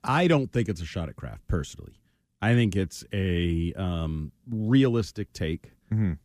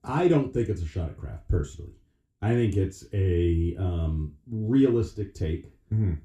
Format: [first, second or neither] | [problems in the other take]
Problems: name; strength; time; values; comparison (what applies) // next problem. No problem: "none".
first | room echo; very slight; dies away in 0.3 s // off-mic speech; somewhat distant